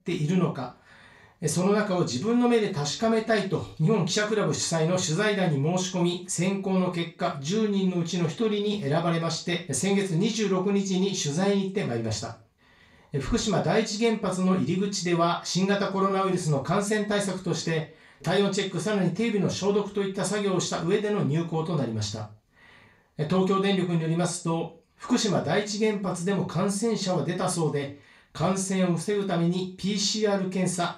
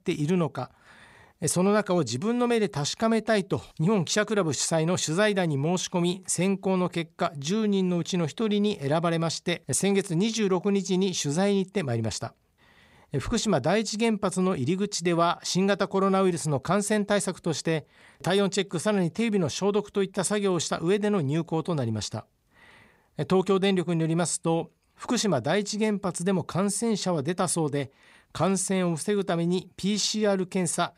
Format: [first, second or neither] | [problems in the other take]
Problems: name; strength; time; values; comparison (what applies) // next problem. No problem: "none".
second | room echo; slight; dies away in 0.3 s // off-mic speech; far